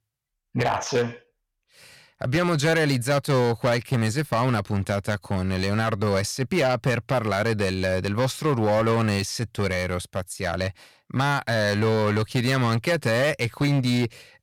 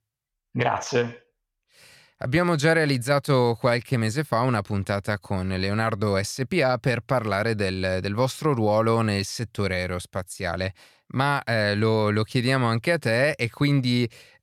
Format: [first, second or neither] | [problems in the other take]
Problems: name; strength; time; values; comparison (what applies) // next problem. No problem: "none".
second | distortion; slight; 9% of the sound clipped